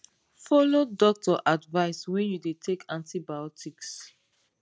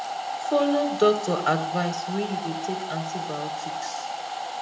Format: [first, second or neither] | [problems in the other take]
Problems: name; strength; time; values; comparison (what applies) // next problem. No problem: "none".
first | background sound (Domestic sounds, home sounds); 4 dB below the speech // room echo; dies away in 0.8 s